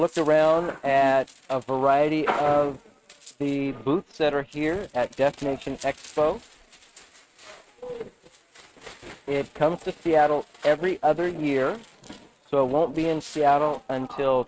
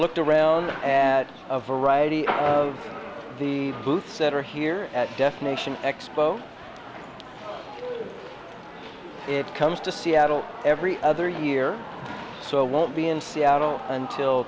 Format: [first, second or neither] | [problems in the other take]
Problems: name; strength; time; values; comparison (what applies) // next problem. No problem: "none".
second | noise reduction (neural mask model RNNoise)